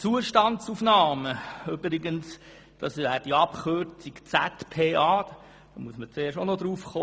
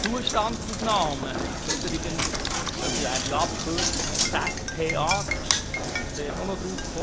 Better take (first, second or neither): first